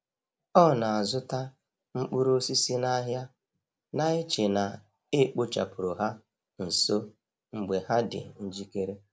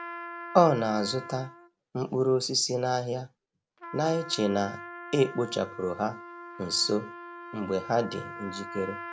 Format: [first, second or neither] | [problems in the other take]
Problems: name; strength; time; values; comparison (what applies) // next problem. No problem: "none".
first | background sound (Trumpet); 13 dB below the speech